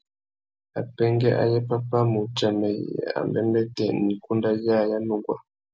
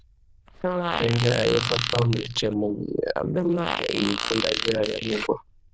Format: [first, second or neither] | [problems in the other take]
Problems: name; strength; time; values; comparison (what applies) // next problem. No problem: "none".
first | noise reduction (neural diffusion model UNIVERSE++)